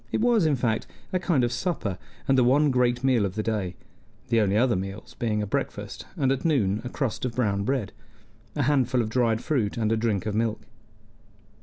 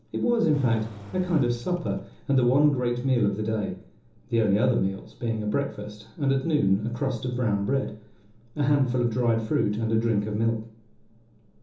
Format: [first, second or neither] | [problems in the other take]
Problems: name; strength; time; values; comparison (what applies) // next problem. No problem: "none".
first | background sound (Engine); 18 dB below the speech // room echo; dies away in 1.2 s